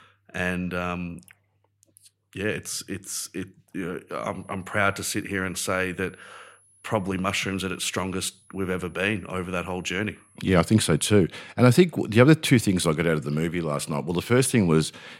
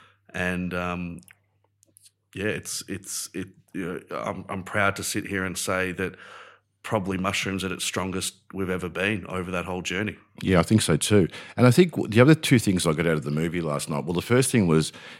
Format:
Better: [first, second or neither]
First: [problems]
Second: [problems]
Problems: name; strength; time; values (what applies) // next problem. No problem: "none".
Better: second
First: high-pitched whine; faint; from 4 to 11 s; 10.5 kHz, 30 dB below the speech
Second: none